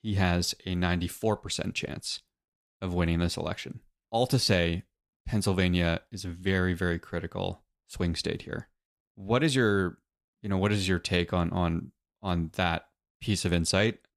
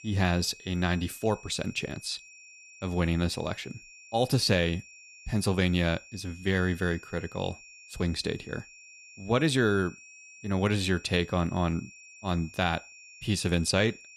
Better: first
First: none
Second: high-pitched whine; noticeable; throughout; 2.5 kHz, 20 dB below the speech

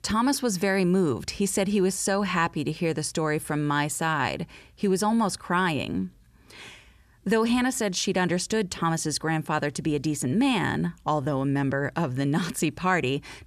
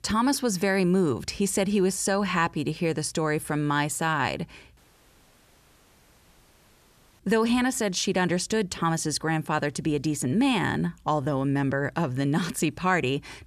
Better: first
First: none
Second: audio cutting out; at 5 s for 2.5 s

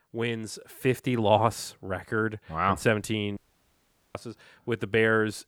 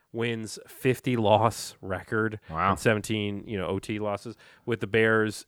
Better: second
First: audio cutting out; at 3.5 s for 1 s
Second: none

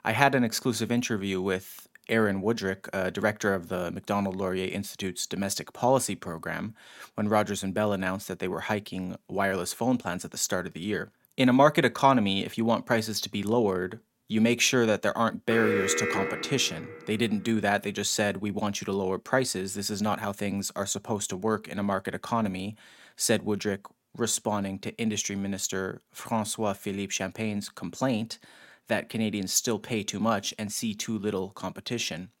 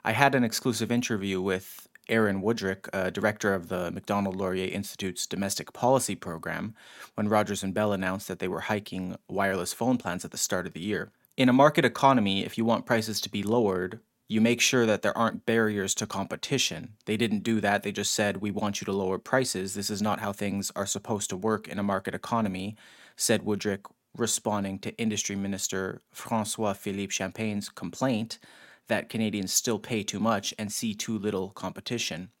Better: second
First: alarm; loud; from 16 to 17 s; peak 1 dB above the speech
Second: none

